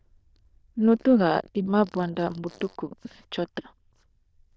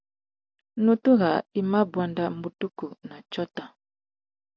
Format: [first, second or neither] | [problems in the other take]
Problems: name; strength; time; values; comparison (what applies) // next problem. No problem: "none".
second | noise reduction (neural diffusion model UNIVERSE++)